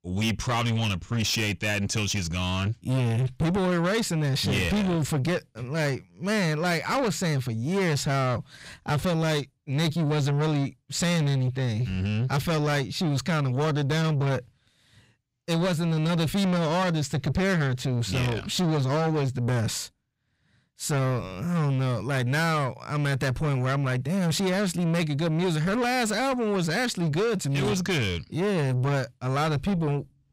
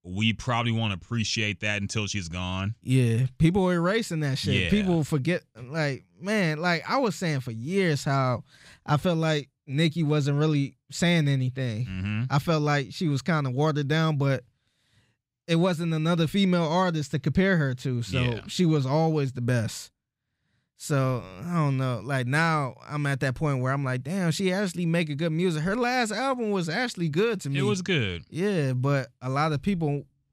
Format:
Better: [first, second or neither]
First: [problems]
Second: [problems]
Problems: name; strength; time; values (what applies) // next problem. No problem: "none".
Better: second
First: distortion; heavy; 7 dB below the speech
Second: none